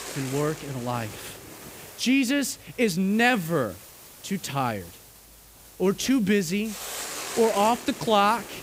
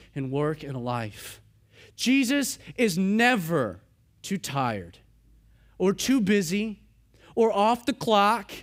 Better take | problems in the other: second | hiss; noticeable; throughout; 15 dB below the speech

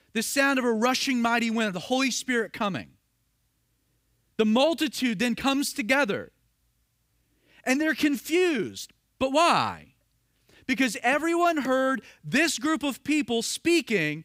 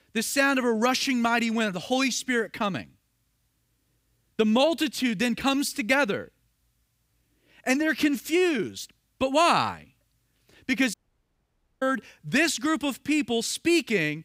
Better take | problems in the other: first | audio cutting out; at 11 s for 1 s

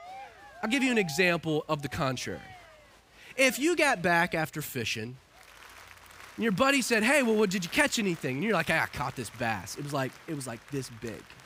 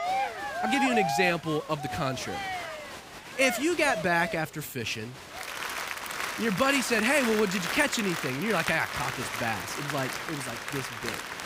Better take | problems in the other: first | crowd noise; loud; throughout; 5 dB below the speech; faint in the first

